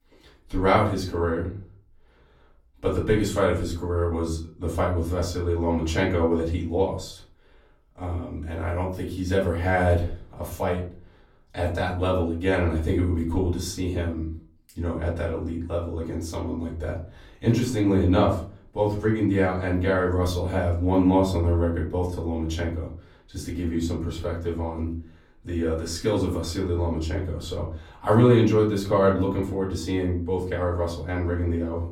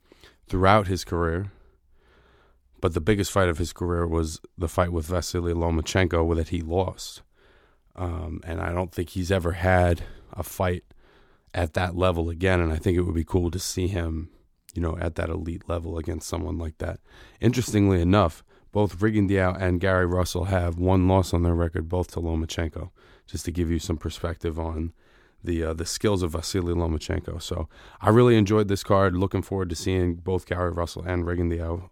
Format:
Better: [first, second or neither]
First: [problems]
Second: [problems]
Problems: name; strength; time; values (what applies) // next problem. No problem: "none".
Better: second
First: off-mic speech; far // room echo; slight; dies away in 0.4 s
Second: none